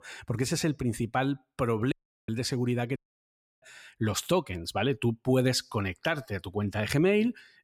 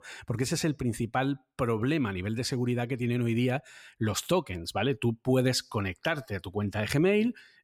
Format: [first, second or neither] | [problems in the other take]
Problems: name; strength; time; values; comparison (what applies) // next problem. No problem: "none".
second | audio cutting out; at 2 s and at 3 s for 0.5 s